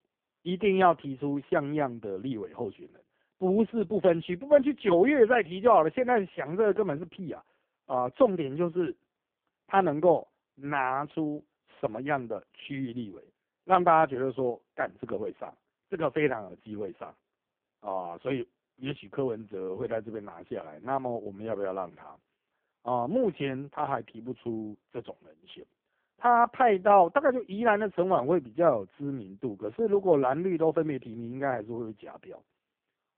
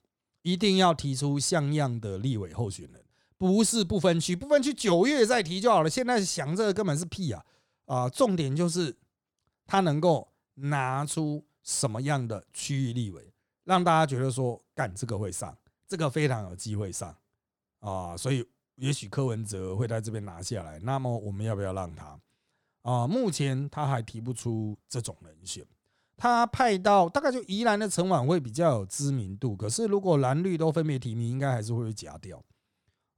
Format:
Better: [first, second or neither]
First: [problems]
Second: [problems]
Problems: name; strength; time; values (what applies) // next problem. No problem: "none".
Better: second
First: phone-call audio; poor line; nothing above 3.5 kHz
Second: none